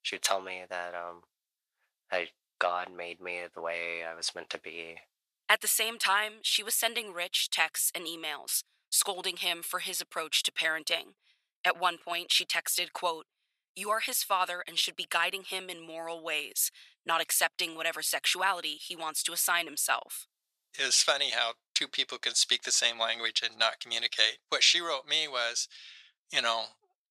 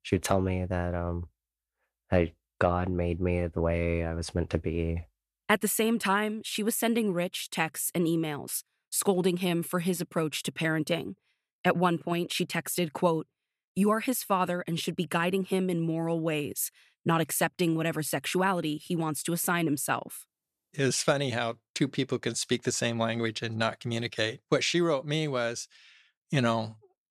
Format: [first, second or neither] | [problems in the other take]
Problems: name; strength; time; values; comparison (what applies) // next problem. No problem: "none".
second | thin; very; fading below 950 Hz